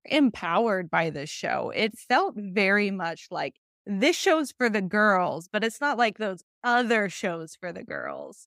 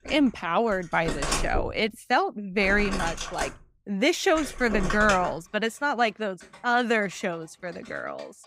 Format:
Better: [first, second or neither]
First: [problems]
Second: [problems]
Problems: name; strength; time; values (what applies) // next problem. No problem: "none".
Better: first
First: none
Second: household noises; loud; throughout; 7 dB below the speech